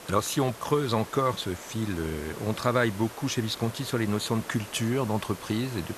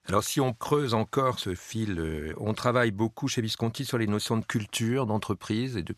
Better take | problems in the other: second | hiss; noticeable; throughout; 15 dB below the speech

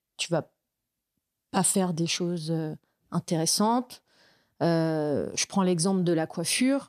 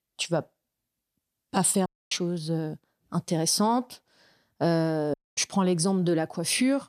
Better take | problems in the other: first | audio cutting out; at 2 s and at 5 s

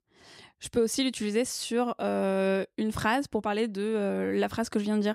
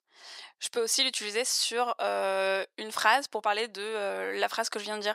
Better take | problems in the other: first | thin; very; fading below 800 Hz

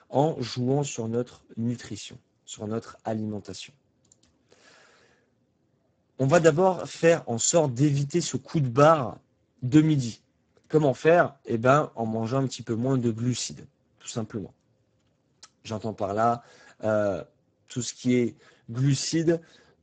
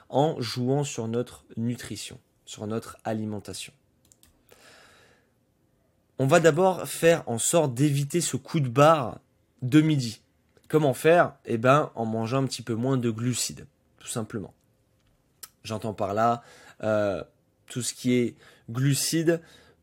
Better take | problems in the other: second | garbled, watery; badly; nothing above 7.5 kHz

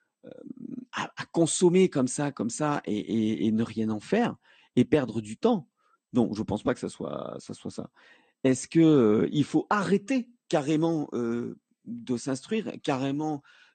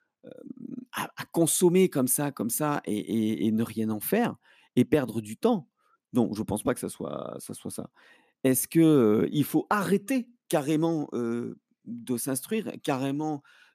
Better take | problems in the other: second | garbled, watery; slightly; nothing above 8.5 kHz

